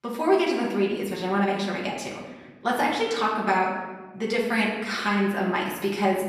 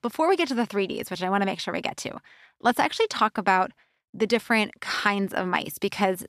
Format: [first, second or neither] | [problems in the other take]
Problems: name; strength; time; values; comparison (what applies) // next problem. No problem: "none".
second | room echo; noticeable; dies away in 1.1 s // off-mic speech; far